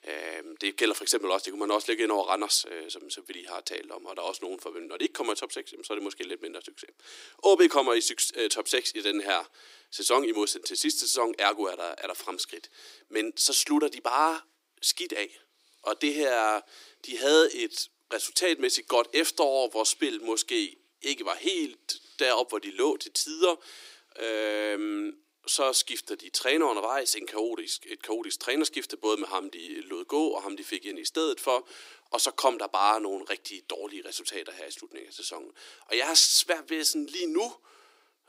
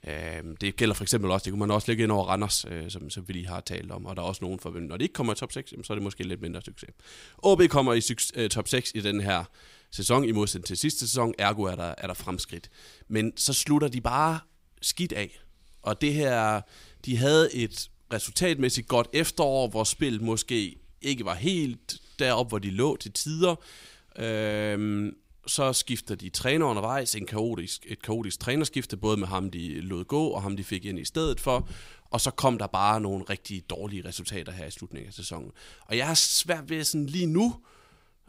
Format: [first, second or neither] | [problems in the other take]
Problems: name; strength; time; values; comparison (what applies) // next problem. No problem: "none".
second | thin; somewhat; fading below 300 Hz